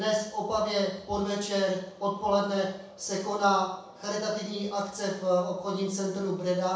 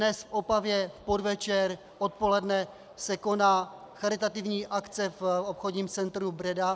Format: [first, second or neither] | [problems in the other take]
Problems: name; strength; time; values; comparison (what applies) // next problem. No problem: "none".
second | room echo; dies away in 0.7 s